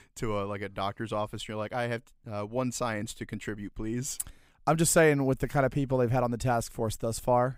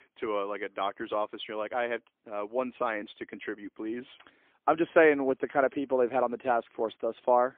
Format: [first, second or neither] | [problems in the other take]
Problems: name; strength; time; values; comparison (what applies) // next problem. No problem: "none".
first | phone-call audio; poor line; nothing above 3.5 kHz